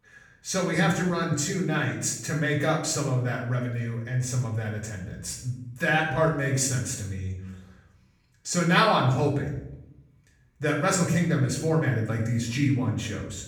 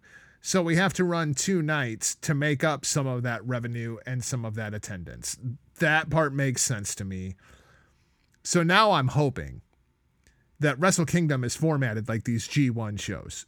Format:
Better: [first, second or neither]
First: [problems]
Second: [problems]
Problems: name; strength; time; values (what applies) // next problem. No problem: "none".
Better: second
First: off-mic speech; far // room echo; noticeable; dies away in 0.6 s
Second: none